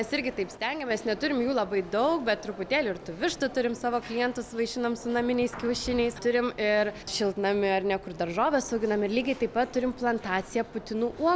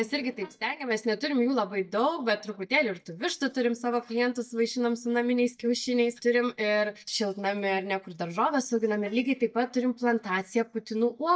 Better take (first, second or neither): first